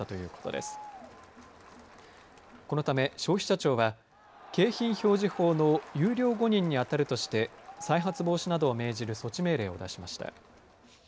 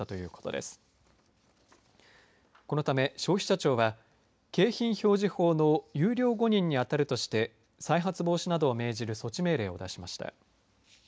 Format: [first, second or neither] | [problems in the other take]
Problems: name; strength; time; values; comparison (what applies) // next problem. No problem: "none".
second | background sound (Crowd); 19 dB below the speech